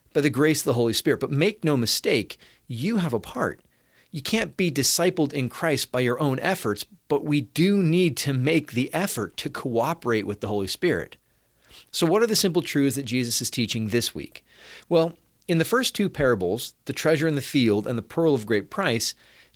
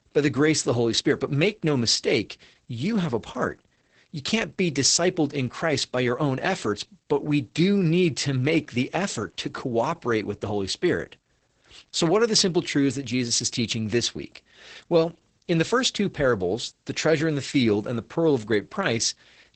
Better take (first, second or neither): first